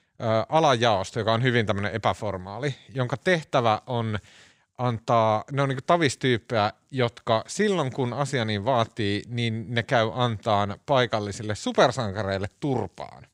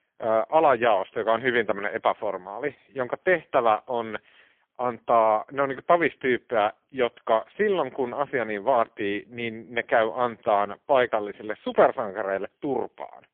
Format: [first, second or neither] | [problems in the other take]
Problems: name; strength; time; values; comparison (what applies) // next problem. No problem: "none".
first | phone-call audio; poor line; nothing above 3.5 kHz